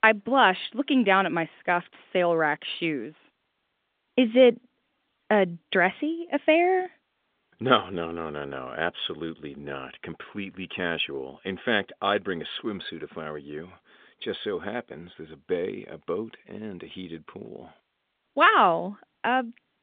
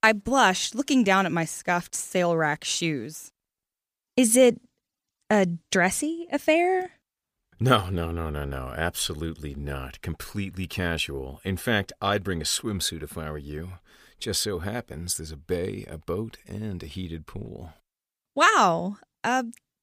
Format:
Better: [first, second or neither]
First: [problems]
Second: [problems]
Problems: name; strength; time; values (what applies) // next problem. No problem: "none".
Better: second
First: phone-call audio; nothing above 3.5 kHz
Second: none